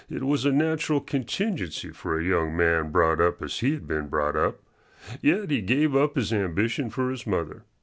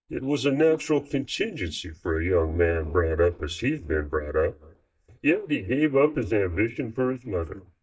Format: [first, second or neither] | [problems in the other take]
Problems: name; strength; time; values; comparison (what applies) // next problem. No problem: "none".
first | noise reduction (neural mask model DeepFilterNet 3)